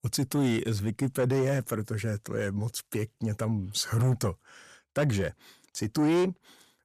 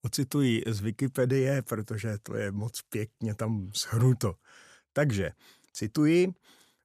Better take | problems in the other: second | distortion; slight; 10 dB below the speech

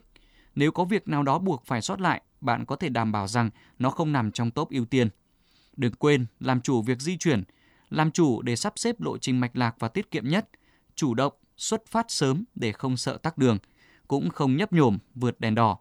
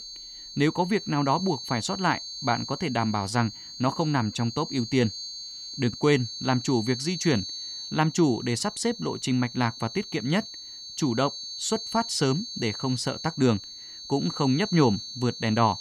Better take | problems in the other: first | high-pitched whine; loud; throughout; 4.5 kHz, 9 dB below the speech

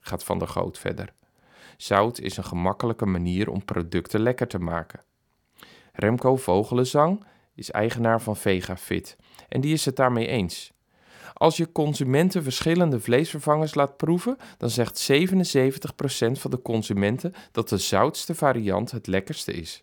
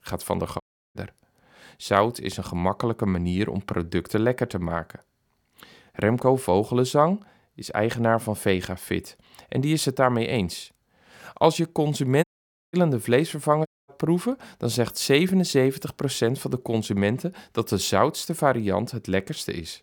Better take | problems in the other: first | audio cutting out; at 0.5 s, at 12 s and at 14 s

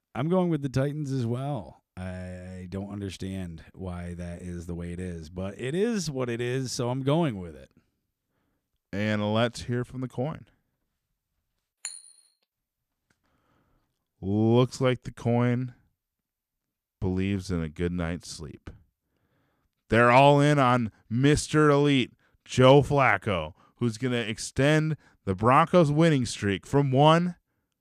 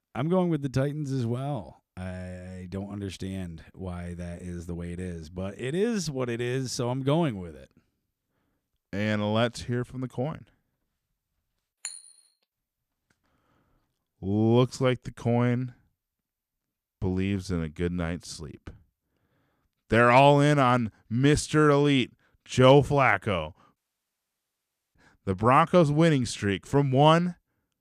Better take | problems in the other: first | audio cutting out; at 24 s for 1 s

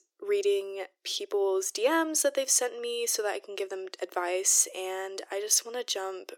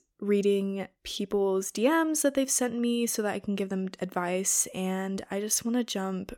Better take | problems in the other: second | thin; very; fading below 350 Hz

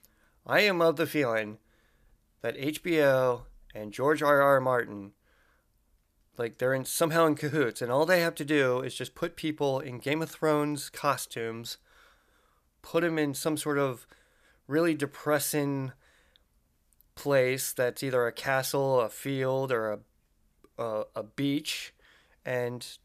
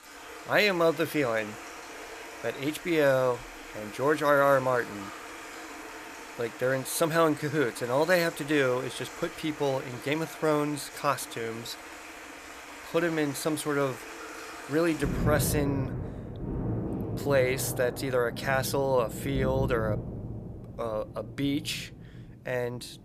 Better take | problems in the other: first | rain or running water; noticeable; throughout; 10 dB below the speech

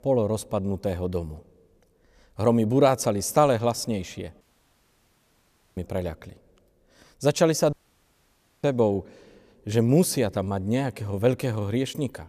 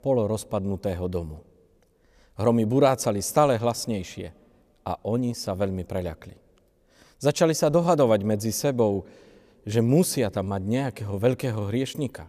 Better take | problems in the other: second | audio cutting out; at 4.5 s for 1.5 s and at 7.5 s for 1 s

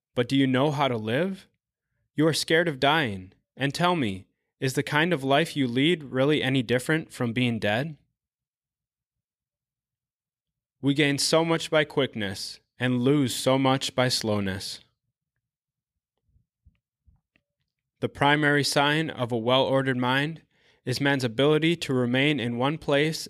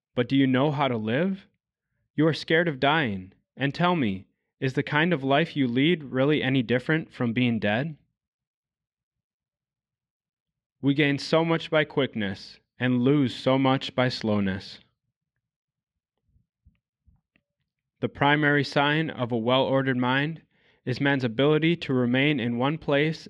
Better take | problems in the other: first | muffled; slightly; fading above 3 kHz

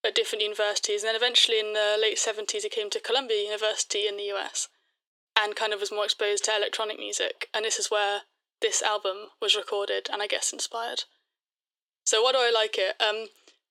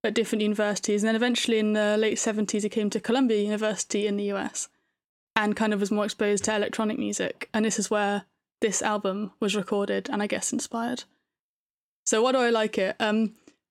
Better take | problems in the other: second | thin; very; fading below 400 Hz

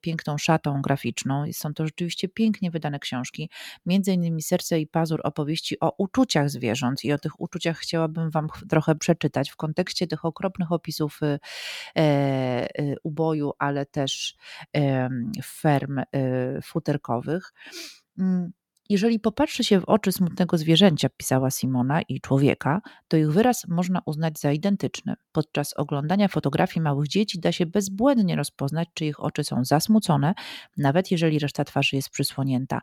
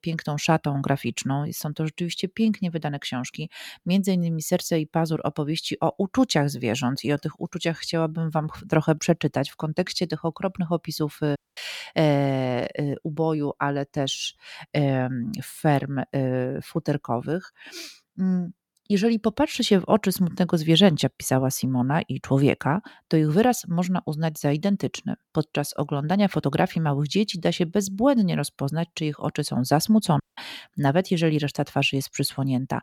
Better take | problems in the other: first | audio cutting out; at 11 s and at 30 s

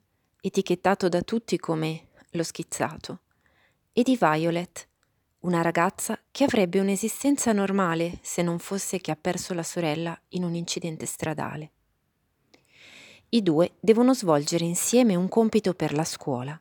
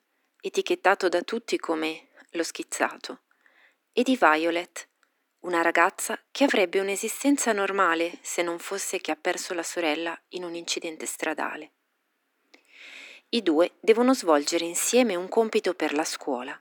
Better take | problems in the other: first | thin; very slightly; fading below 250 Hz

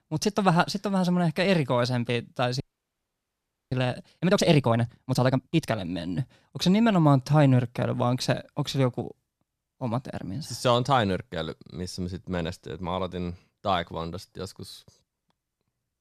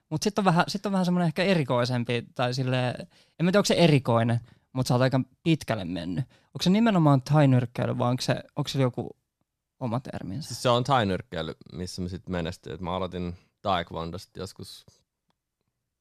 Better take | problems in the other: second | audio freezing; at 2.5 s for 1 s

